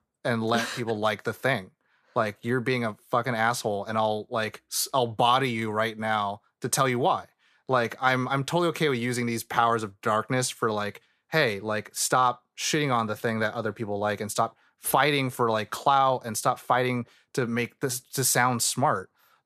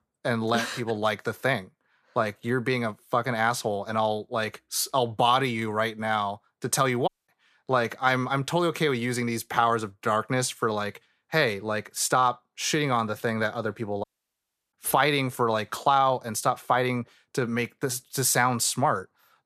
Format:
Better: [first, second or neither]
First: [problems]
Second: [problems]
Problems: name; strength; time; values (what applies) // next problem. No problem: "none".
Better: first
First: none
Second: audio cutting out; at 7 s and at 14 s for 0.5 s